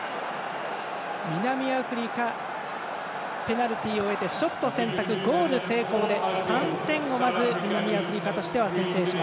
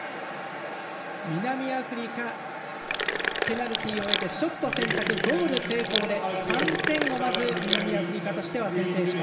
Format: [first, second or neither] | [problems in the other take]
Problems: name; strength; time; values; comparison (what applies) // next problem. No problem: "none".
first | background sound (Sink (filling or washing)); 2 dB below the speech // room echo; dies away in 1.3 s